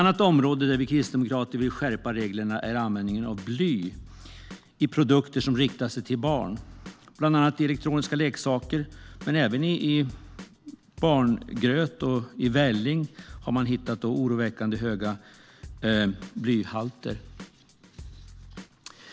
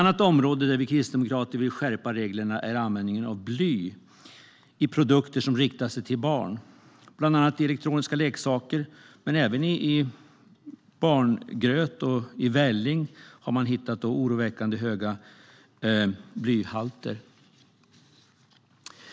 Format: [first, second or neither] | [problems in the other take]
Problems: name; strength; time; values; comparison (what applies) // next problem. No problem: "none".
second | background sound (Drum / Drum kit); 20 dB below the speech